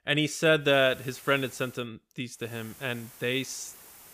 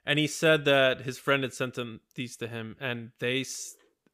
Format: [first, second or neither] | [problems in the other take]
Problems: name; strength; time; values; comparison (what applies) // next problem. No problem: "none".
second | hiss; faint; from 0.5 to 2 s and from 2.5 s on; 20 dB below the speech